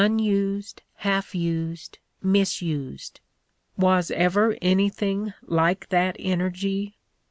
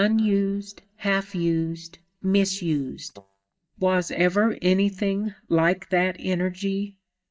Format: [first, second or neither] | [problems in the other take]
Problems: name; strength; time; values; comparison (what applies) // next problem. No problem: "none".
first | noise reduction (neural mask model DeepFilterNet 3)